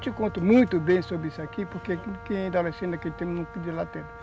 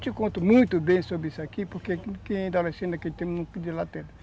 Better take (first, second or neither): second